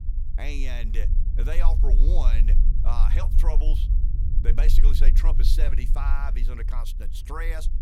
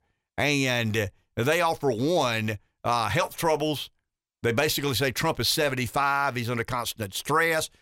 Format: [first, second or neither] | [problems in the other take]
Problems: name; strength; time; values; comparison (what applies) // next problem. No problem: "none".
second | low rumble; loud; throughout; 9 dB below the speech